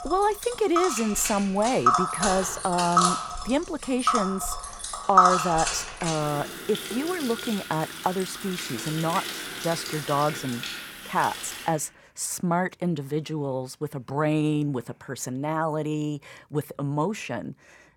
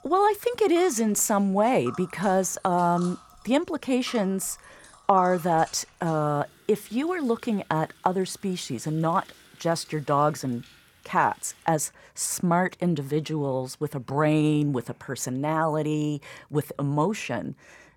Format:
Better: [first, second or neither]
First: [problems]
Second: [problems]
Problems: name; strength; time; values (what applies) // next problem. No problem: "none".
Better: second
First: household noises; loud; until 12 s; 1 dB below the speech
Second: household noises; faint; until 12 s; 20 dB below the speech